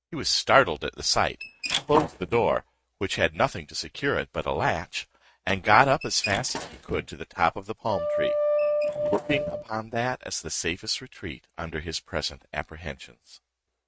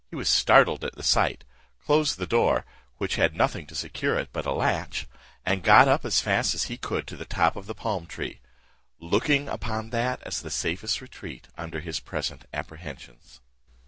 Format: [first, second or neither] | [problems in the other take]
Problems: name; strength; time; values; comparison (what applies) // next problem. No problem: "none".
second | noise reduction (neural mask model RNNoise)